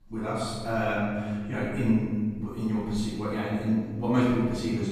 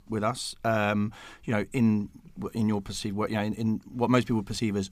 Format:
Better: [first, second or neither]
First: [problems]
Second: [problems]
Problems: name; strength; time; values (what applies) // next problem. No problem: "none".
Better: second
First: off-mic speech; far // room echo; strong; dies away in 1.4 s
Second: none